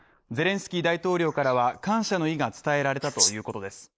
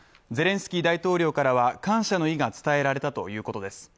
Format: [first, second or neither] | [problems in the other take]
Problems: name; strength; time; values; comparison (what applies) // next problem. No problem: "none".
second | noise reduction (neural mask model Resemble Enhance denoiser)